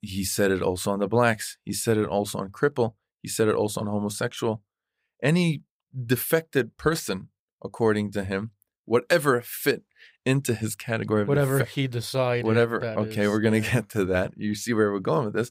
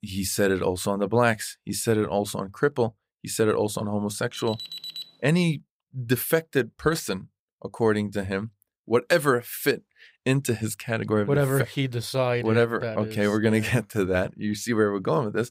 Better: first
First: none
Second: alarm; noticeable; at 4.5 s; peak 9 dB below the speech

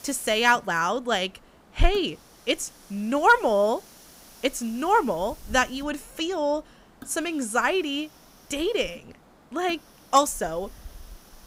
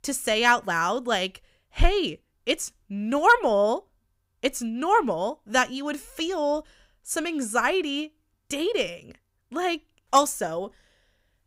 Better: second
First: hiss; faint; throughout; 25 dB below the speech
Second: none

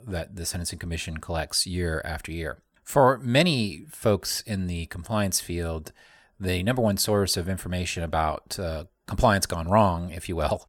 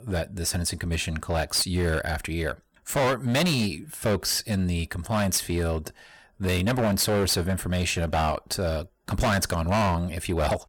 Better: first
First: none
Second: distortion; heavy; 12% of the sound clipped

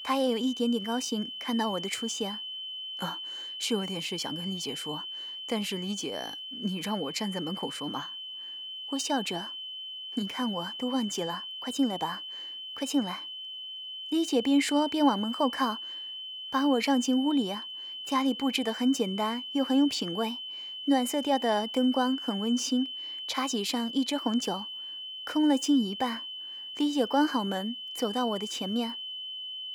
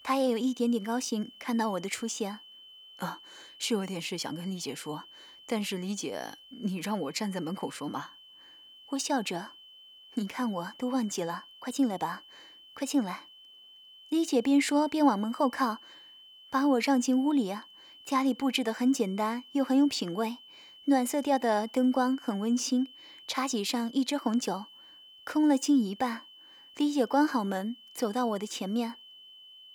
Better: second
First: high-pitched whine; loud; throughout; 3 kHz, 7 dB below the speech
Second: high-pitched whine; faint; throughout; 3 kHz, 20 dB below the speech

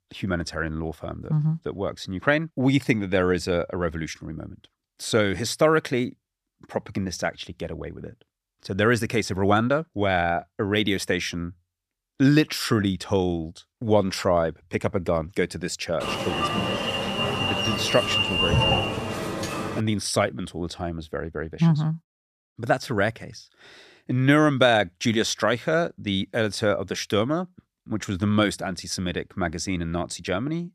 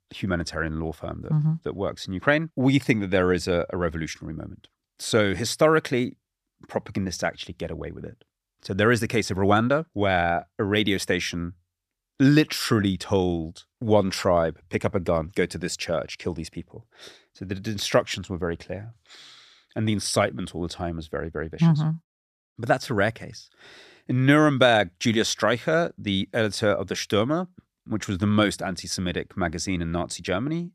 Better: second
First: alarm; loud; from 16 to 20 s; peak 5 dB above the speech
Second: none

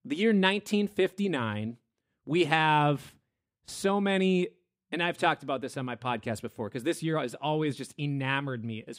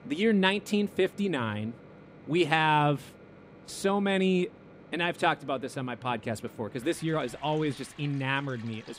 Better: first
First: none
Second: household noises; faint; throughout; 20 dB below the speech

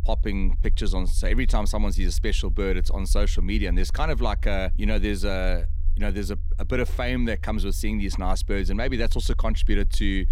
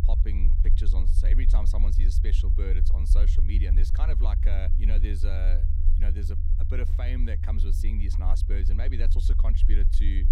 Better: first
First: low rumble; faint; throughout; 20 dB below the speech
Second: low rumble; loud; throughout; 4 dB below the speech

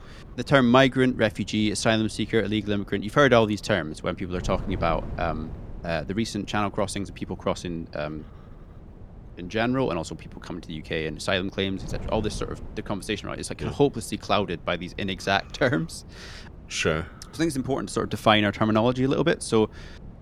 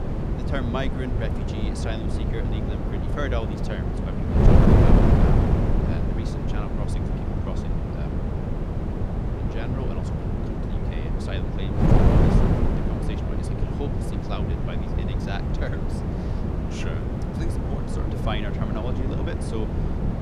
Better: first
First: wind noise on the microphone; occasional gusts; 25 dB below the speech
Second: wind noise on the microphone; heavy; 5 dB above the speech

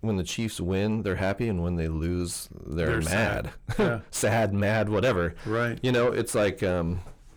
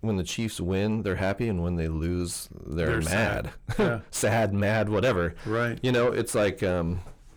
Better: neither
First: distortion; heavy; 7 dB below the speech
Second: distortion; heavy; 7 dB below the speech

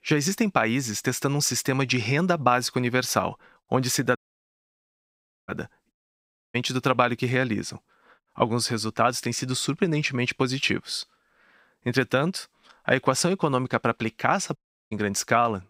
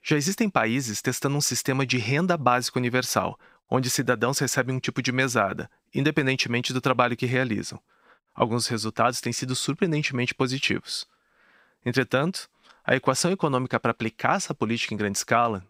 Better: second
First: audio cutting out; at 4 s for 1.5 s, at 6 s for 0.5 s and at 15 s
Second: none

